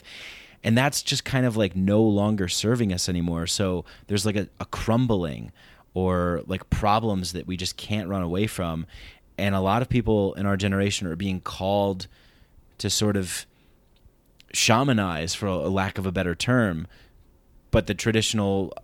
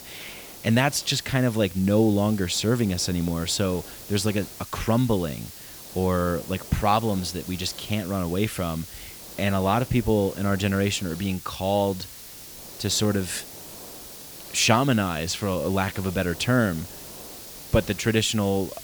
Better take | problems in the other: first | hiss; noticeable; throughout; 15 dB below the speech

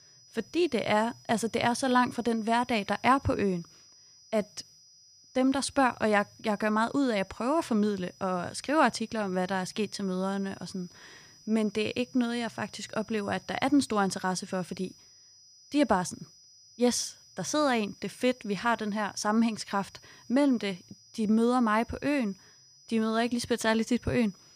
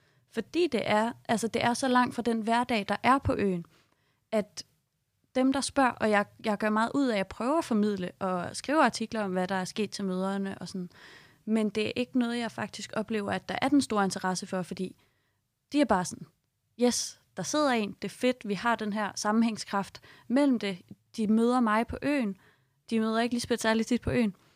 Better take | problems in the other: second | high-pitched whine; faint; throughout; 5 kHz, 25 dB below the speech

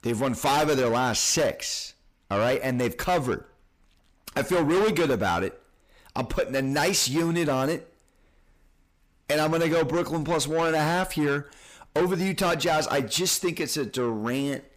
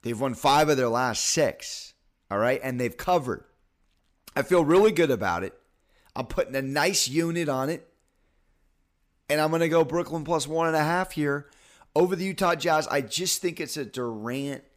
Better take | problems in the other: second | distortion; heavy; 7 dB below the speech

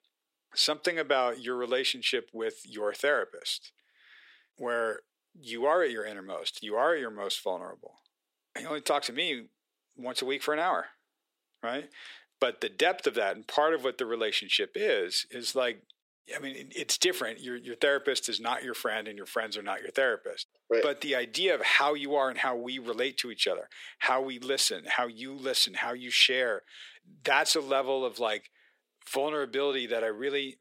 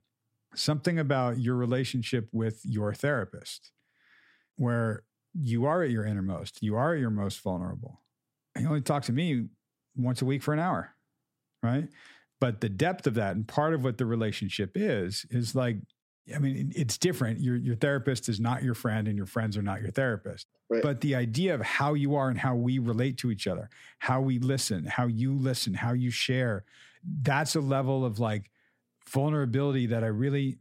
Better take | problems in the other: second | thin; very; fading below 400 Hz

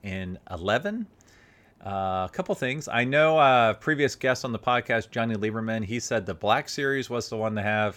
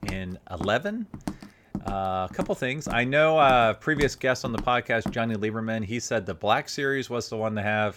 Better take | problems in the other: first | footsteps; faint; until 5 s; peak 10 dB below the speech

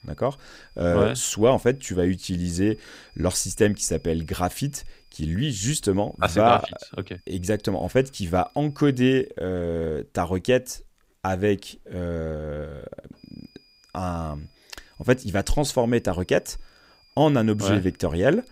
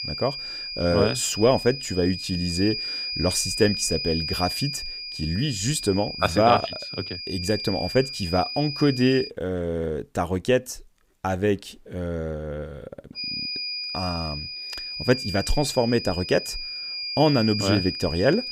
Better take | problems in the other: first | high-pitched whine; loud; until 9.5 s and from 13 s on; 5 kHz, 5 dB below the speech; faint in the first

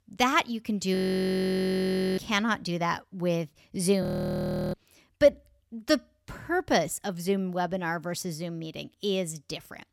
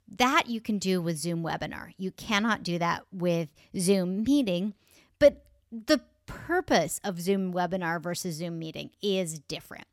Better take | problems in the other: second | audio freezing; at 1 s for 1 s and at 4 s for 0.5 s

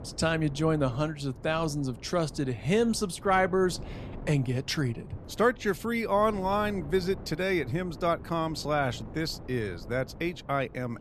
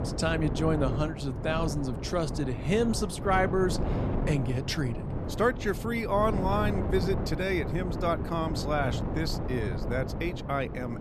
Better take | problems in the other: first | wind noise on the microphone; heavy; 8 dB below the speech; occasional gusts in the first

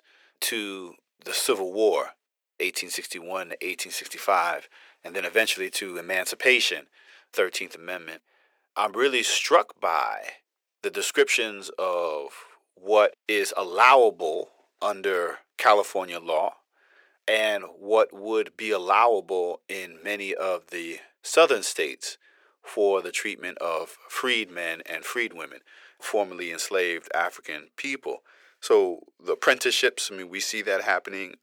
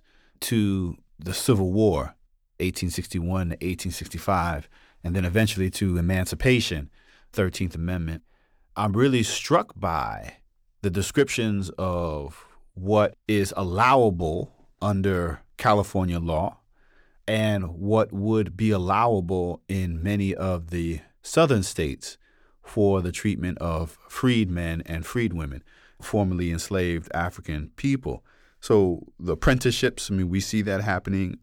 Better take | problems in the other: second | thin; very; fading below 450 Hz

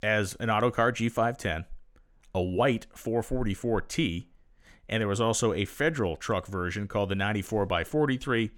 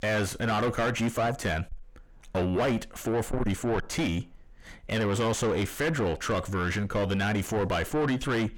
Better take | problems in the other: first | distortion; heavy; 4 dB below the speech

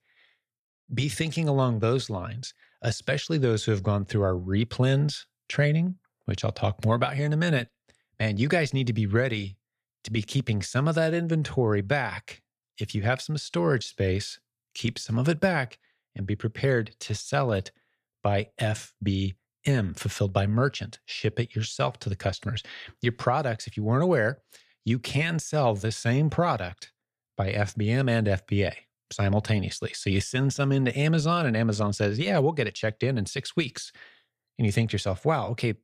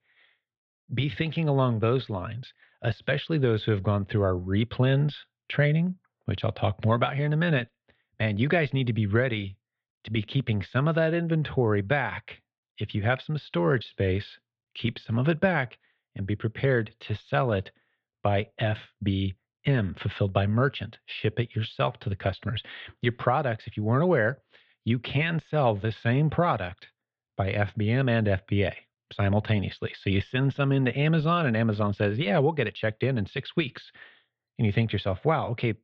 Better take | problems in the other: first | muffled; very; fading above 3.5 kHz

